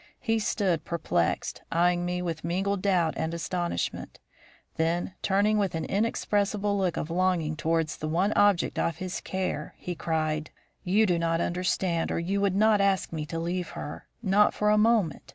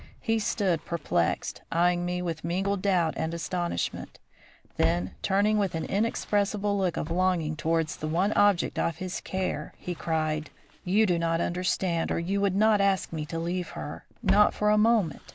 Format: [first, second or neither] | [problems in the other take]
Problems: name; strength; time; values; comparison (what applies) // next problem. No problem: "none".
first | background sound (Walk, footsteps); 13 dB below the speech